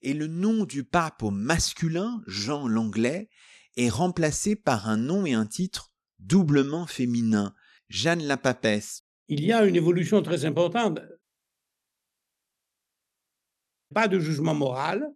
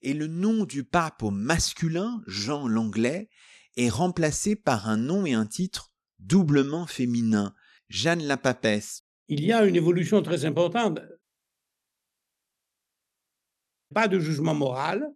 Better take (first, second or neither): neither